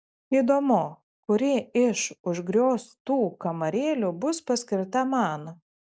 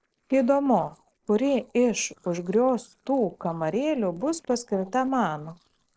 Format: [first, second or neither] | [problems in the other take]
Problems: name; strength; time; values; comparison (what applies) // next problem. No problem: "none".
first | noise reduction (neural separator model SepFormer DNS4)